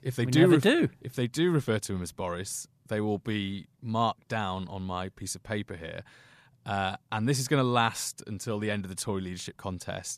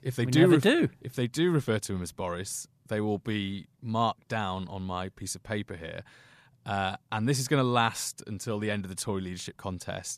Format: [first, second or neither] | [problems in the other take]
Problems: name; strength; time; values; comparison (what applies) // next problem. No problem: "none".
neither | none